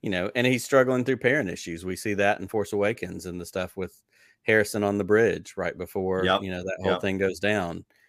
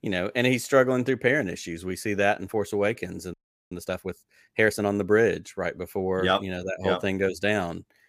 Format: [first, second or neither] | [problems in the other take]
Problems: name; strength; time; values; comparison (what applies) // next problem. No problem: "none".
first | audio freezing; at 3.5 s